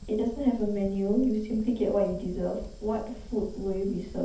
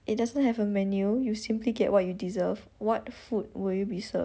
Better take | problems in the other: second | background sound (Fire); 12 dB below the speech // room echo; dies away in 0.5 s

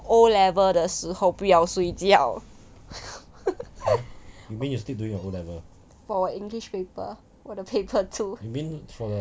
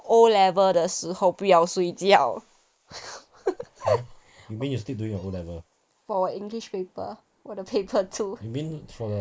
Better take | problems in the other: first | noise reduction (neural mask model Resemble Enhance denoiser)

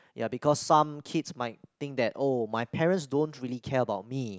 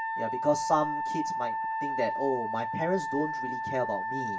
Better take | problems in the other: first | background sound (Wind instrument, woodwind instrument); 1 dB below the speech // room echo; dies away in 0.2 s

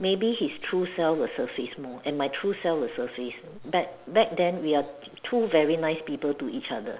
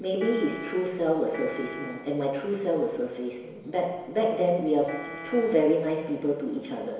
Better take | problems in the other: first | background sound (Piano); 13 dB below the speech // room echo; dies away in 1 s

